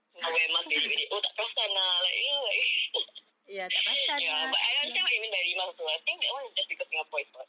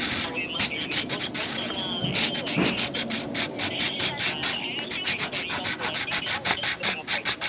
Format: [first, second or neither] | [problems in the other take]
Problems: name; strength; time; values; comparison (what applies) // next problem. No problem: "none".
first | background sound (Writing); 5 dB above the speech